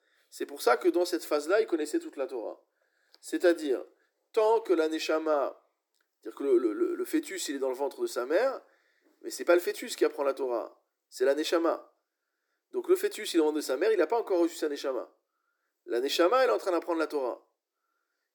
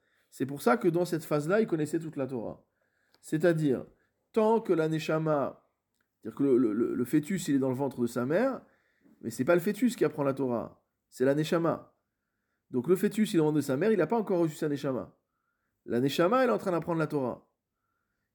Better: second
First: thin; very; fading below 300 Hz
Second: none

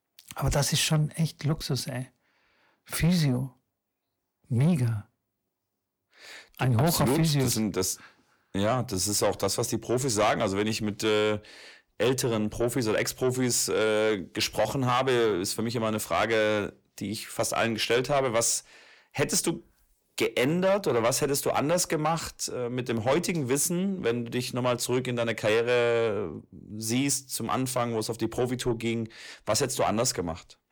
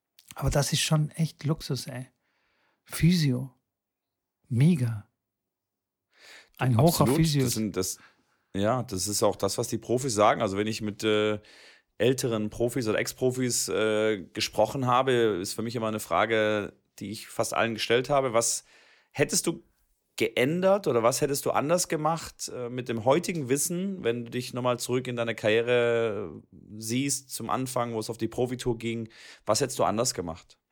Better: second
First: distortion; slight; 10 dB below the speech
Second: none

